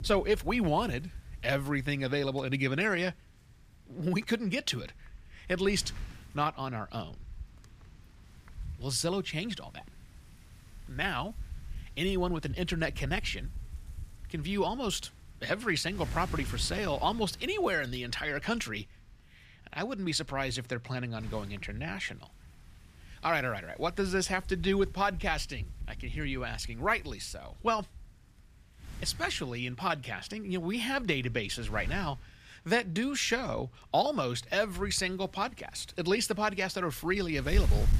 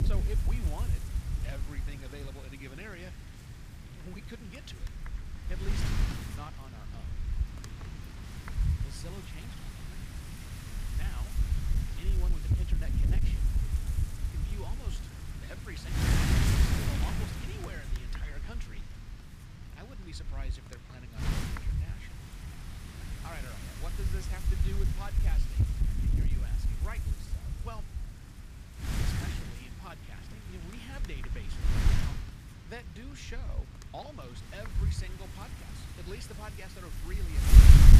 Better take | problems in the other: first | wind noise on the microphone; heavy; 4 dB above the speech; occasional gusts in the first

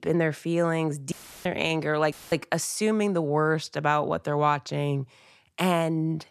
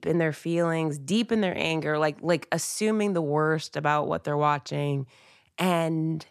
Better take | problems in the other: second | audio cutting out; filled with static; at 1 s and at 2 s

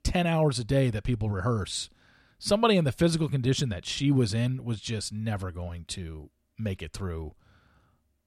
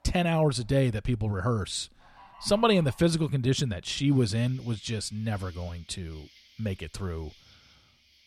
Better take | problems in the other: first | animal sounds; faint; throughout; 25 dB below the speech

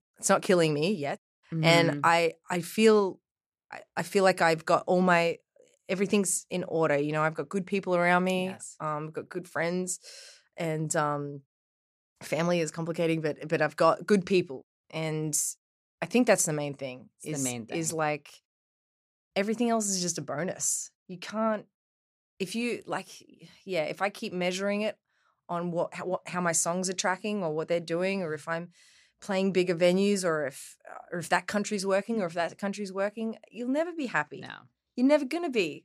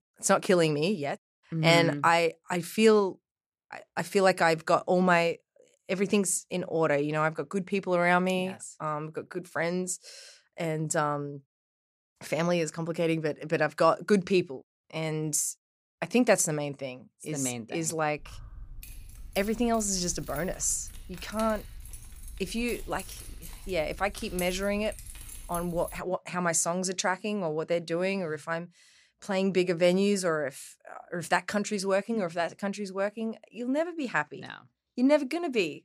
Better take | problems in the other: first | jangling keys; faint; from 18 to 26 s; peak 10 dB below the speech

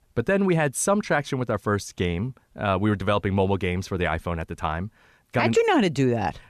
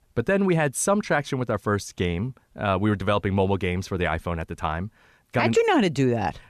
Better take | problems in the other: neither | none

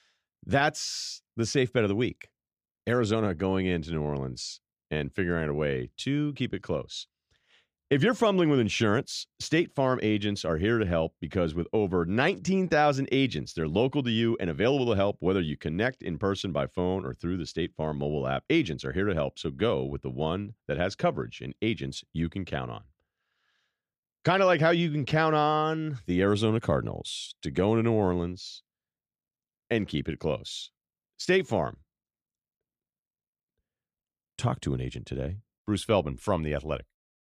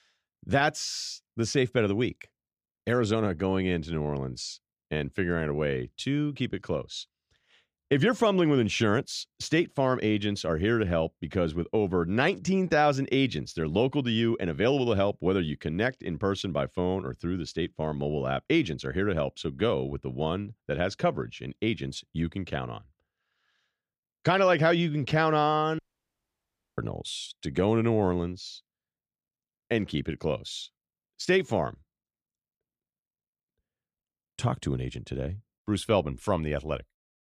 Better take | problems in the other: first | audio cutting out; at 26 s for 1 s

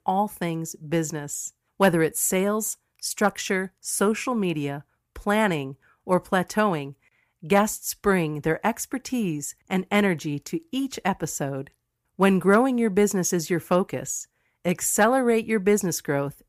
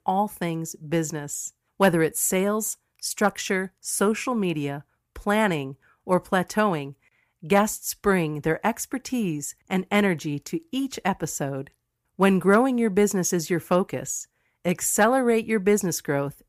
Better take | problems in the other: neither | none

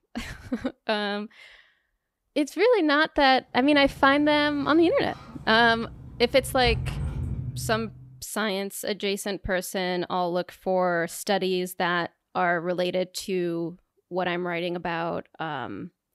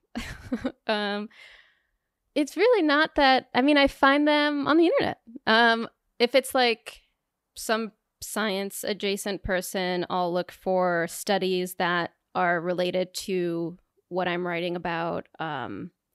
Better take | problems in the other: second | door banging; noticeable; from 4 to 8 s; peak 6 dB below the speech

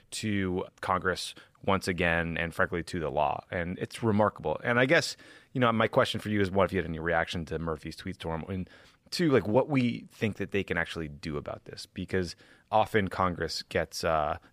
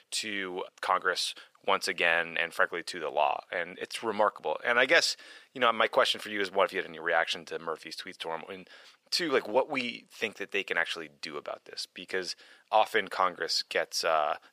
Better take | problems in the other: first | thin; somewhat; fading below 500 Hz

